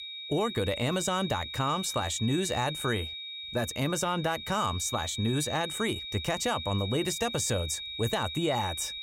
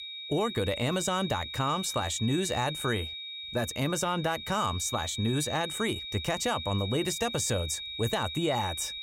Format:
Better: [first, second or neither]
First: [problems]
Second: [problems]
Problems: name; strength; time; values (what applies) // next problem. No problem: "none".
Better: neither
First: high-pitched whine; loud; throughout; 4 kHz, 6 dB below the speech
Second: high-pitched whine; loud; throughout; 4 kHz, 6 dB below the speech